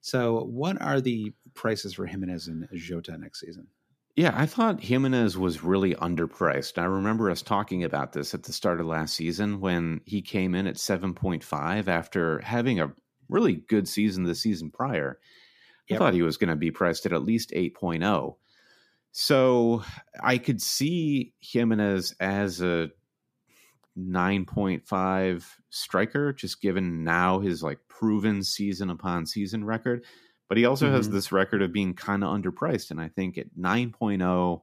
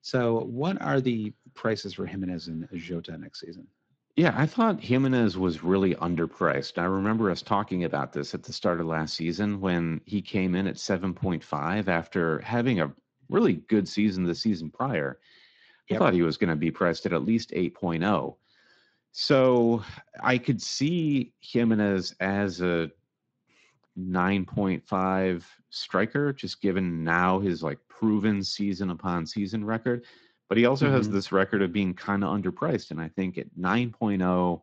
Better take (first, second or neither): first